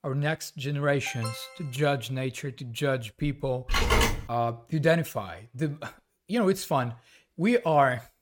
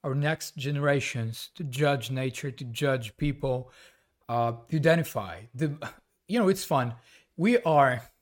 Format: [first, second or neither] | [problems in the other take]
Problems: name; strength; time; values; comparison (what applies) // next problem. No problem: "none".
second | alarm; noticeable; at 1 s; peak 10 dB below the speech // phone ringing; loud; at 3.5 s; peak 5 dB above the speech